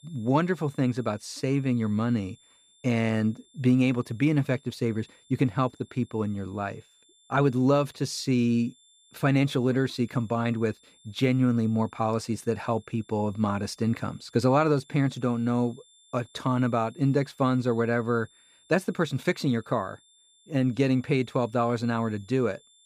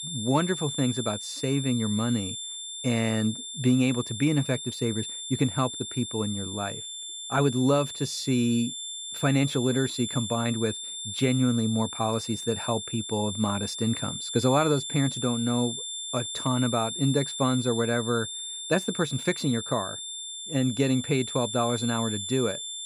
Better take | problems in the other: first | high-pitched whine; loud; throughout; 3.5 kHz, 6 dB below the speech; faint in the first

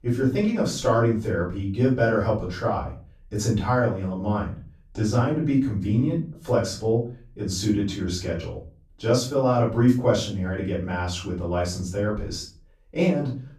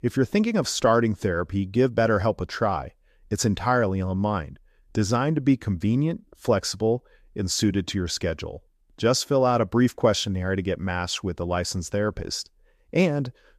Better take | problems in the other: second | off-mic speech; far // room echo; noticeable; dies away in 0.4 s

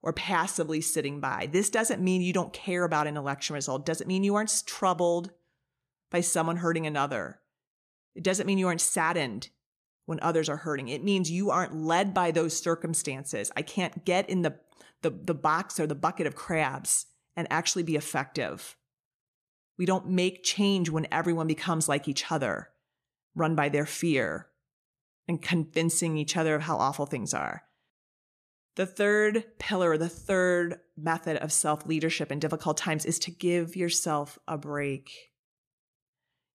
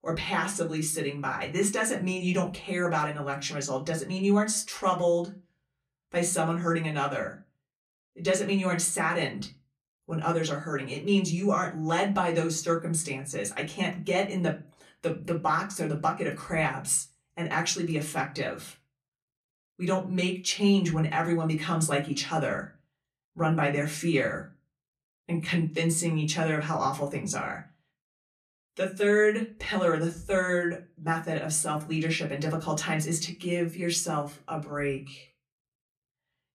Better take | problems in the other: first | off-mic speech; far // room echo; very slight; dies away in 0.2 s

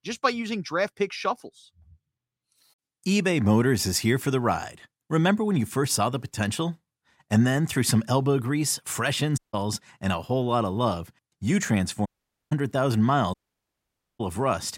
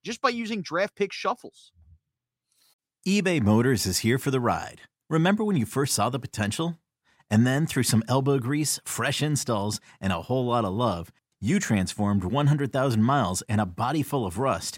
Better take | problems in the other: second | audio cutting out; at 9.5 s, at 12 s and at 13 s for 1 s

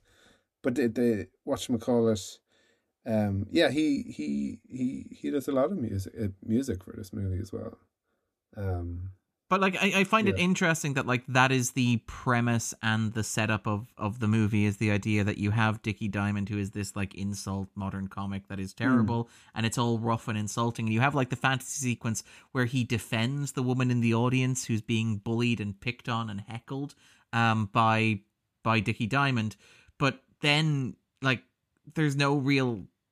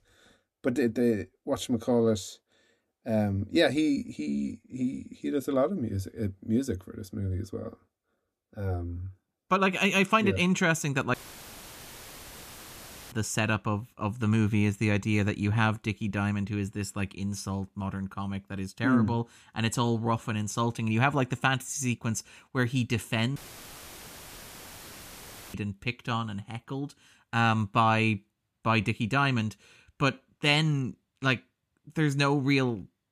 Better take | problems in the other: first | audio cutting out; filled with static; at 11 s for 2 s and at 23 s for 2 s

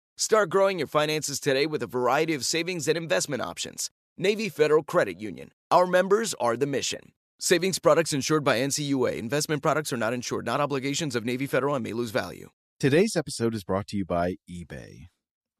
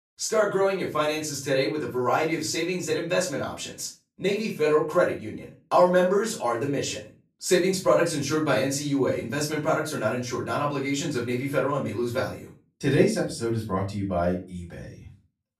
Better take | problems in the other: first | off-mic speech; far // room echo; slight; dies away in 0.3 s

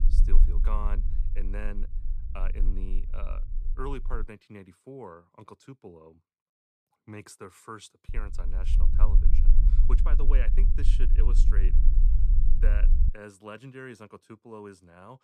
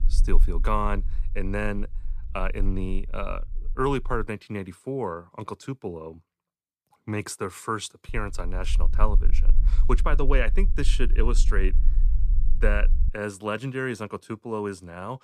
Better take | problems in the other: second | low rumble; loud; until 4 s and from 8 to 13 s; 7 dB below the speech; faint in the second

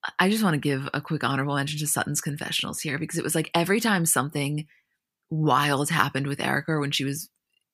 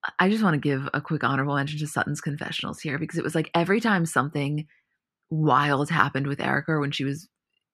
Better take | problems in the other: first | muffled; slightly; fading above 2 kHz

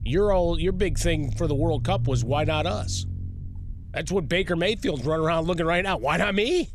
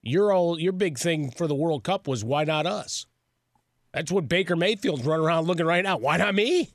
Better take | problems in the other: second | low rumble; faint; throughout; 20 dB below the speech

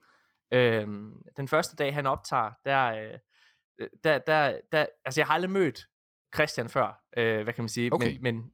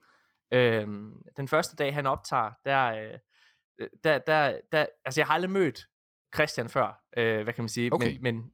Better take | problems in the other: neither | none

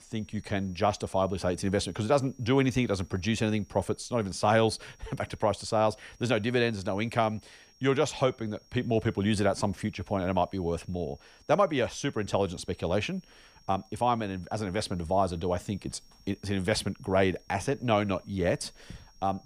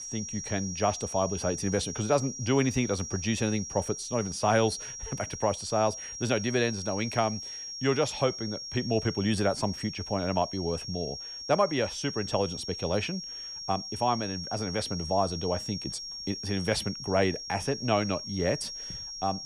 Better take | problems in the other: first | high-pitched whine; loud; throughout; 5.5 kHz, 7 dB below the speech; faint in the first

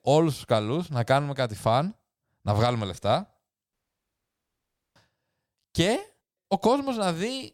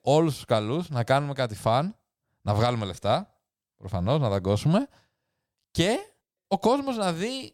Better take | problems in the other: second | audio cutting out; at 3.5 s for 1 s

